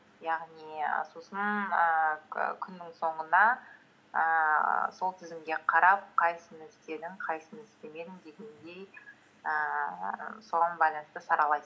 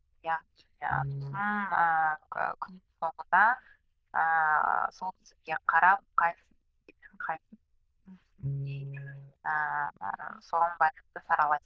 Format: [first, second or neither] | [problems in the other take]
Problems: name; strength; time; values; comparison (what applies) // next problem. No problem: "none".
first | noise reduction (neural diffusion model UNIVERSE++)